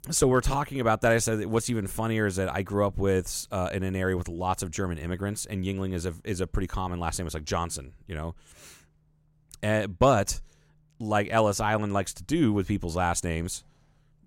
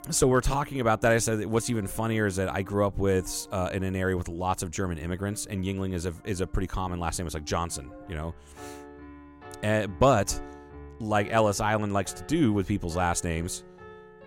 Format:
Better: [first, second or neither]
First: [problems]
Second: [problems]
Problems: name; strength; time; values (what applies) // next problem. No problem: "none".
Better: first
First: none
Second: background music; faint; throughout; 20 dB below the speech